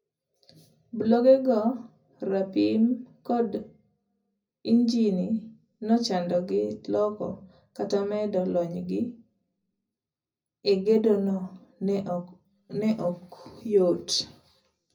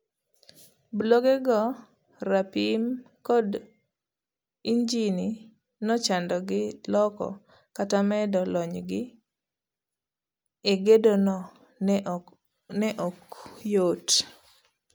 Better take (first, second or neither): second